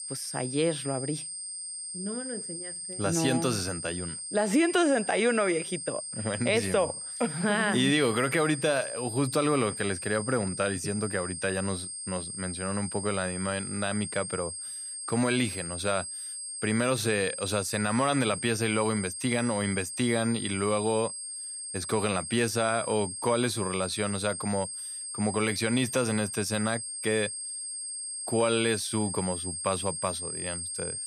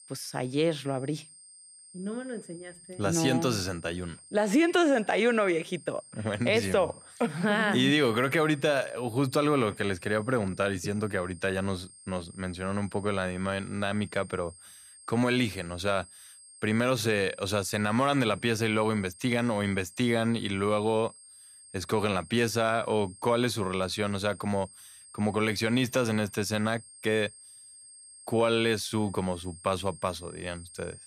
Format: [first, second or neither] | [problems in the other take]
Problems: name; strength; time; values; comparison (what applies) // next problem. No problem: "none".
second | high-pitched whine; loud; throughout; 8.5 kHz, 6 dB below the speech; faint in the second